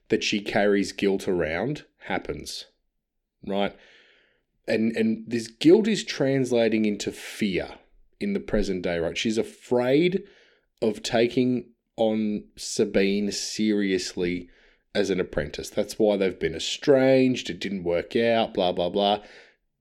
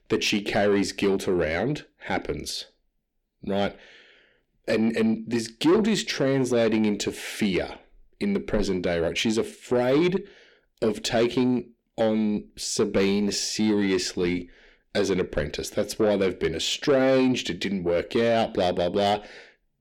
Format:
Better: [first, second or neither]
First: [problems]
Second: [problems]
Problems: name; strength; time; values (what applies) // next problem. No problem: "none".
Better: first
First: none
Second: distortion; slight; 10 dB below the speech